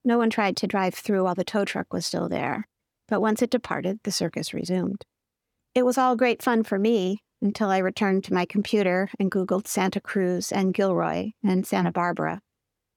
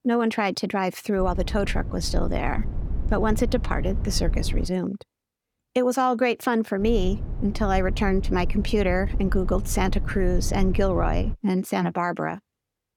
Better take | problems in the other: first | low rumble; noticeable; from 1 to 4.5 s and from 7 to 11 s; 20 dB below the speech

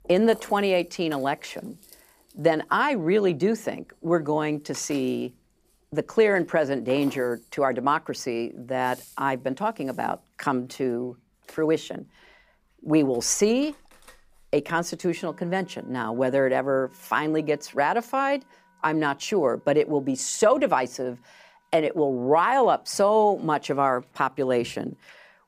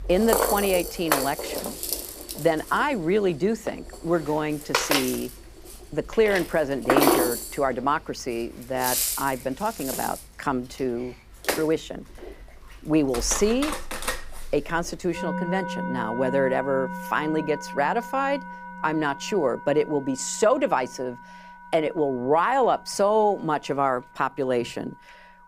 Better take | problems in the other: first | background music; loud; throughout; 3 dB below the speech; faint in the first

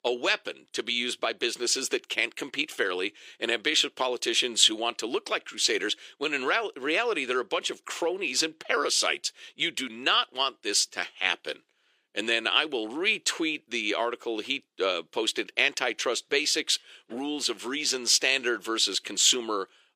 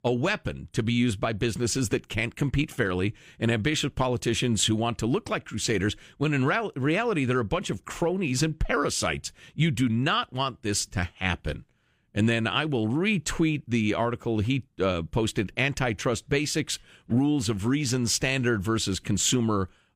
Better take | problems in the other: second | thin; very; fading below 350 Hz

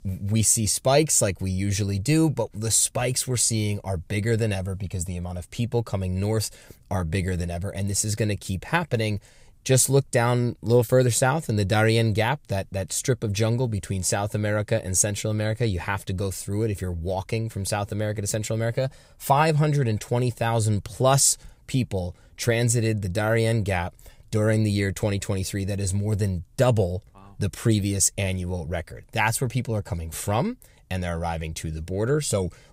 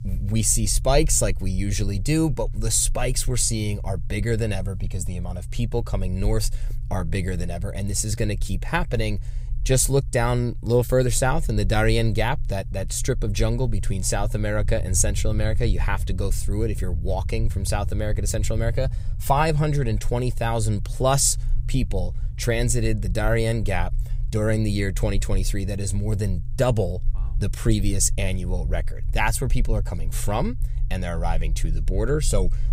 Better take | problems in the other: first | low rumble; faint; throughout; 20 dB below the speech

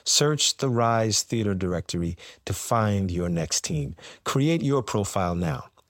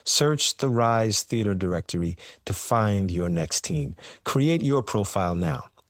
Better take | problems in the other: first | garbled, watery; slightly; nothing above 16 kHz

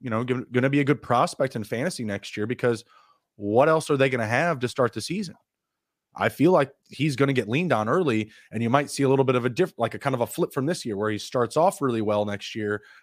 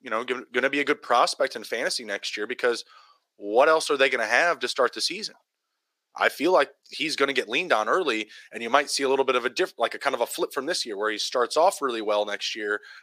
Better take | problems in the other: first | thin; somewhat; fading below 400 Hz

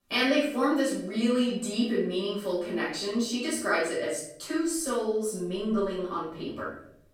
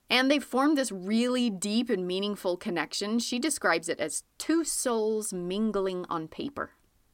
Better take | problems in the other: second | off-mic speech; far // room echo; noticeable; dies away in 0.6 s

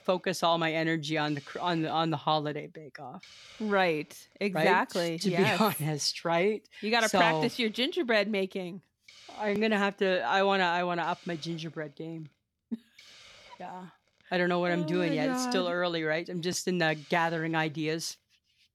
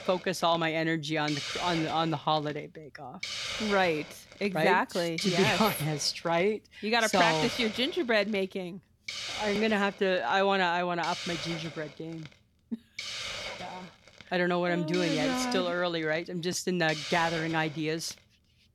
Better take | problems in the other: first | hiss; loud; throughout; 8 dB below the speech; faint in the first

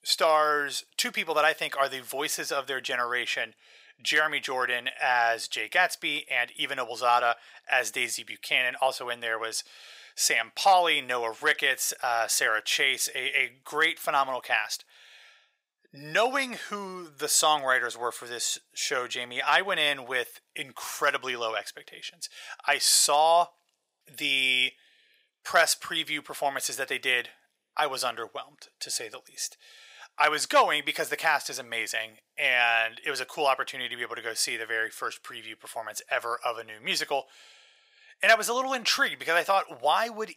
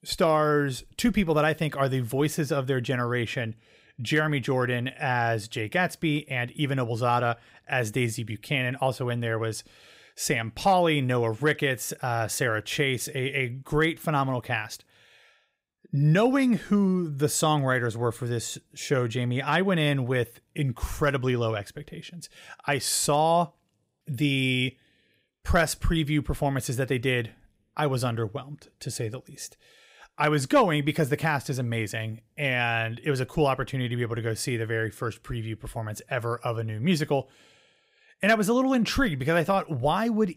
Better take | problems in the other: second | thin; very; fading below 800 Hz

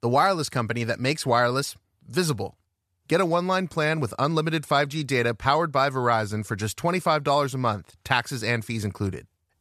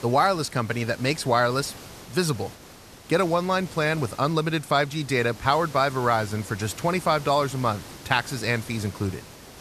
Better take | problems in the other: first | hiss; noticeable; throughout; 15 dB below the speech

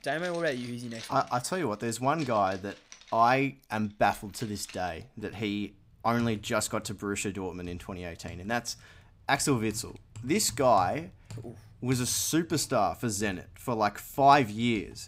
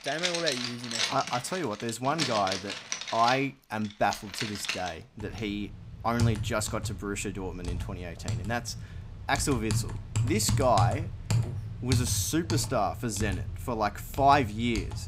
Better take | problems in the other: first | household noises; loud; throughout; 3 dB below the speech; faint in the first

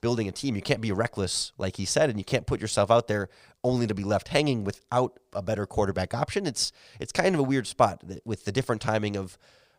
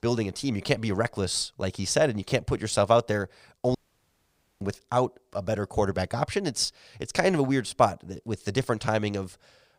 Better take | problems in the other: first | audio cutting out; at 4 s for 1 s

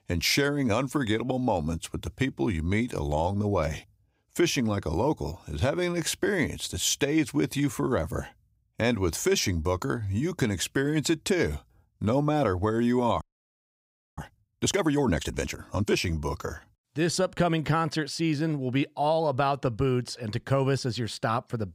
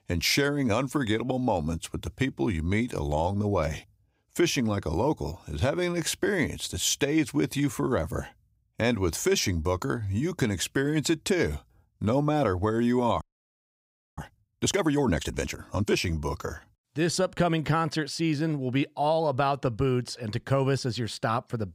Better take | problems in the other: neither | audio freezing; at 13 s for 1 s; the same in both

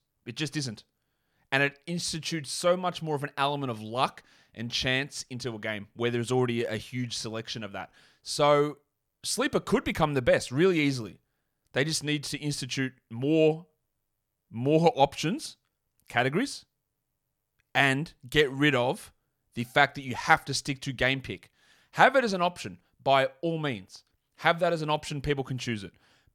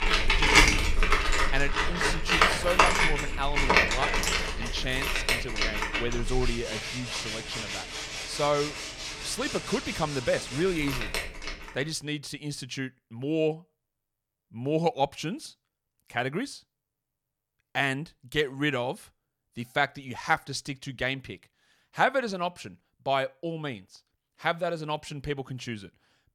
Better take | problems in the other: first | machinery noise; very loud; until 11 s; 4 dB above the speech

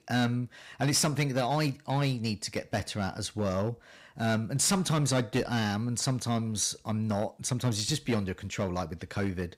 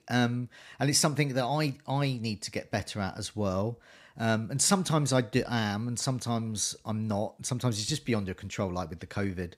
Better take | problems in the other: second | distortion; slight; 5% of the sound clipped

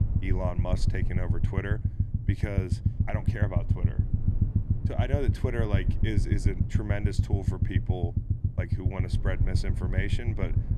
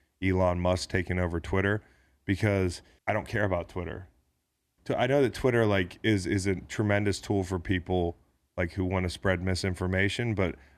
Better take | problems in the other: second | low rumble; loud; throughout; 5 dB below the speech

